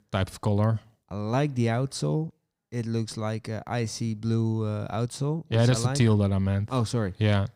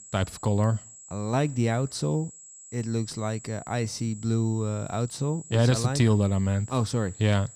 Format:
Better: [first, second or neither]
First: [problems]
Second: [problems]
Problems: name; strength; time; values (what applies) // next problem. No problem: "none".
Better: first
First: none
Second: high-pitched whine; noticeable; throughout; 7.5 kHz, 15 dB below the speech